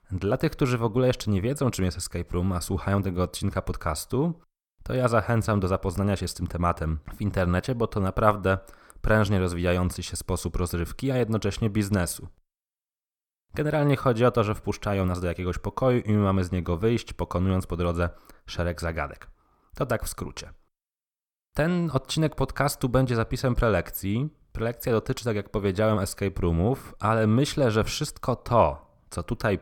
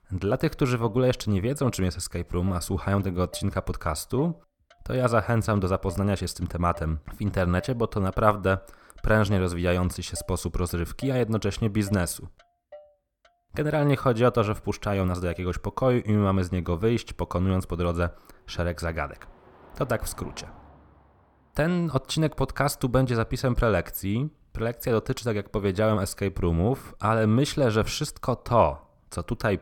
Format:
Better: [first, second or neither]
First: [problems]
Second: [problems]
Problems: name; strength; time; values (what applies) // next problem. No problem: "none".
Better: first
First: none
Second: traffic noise; faint; throughout; 25 dB below the speech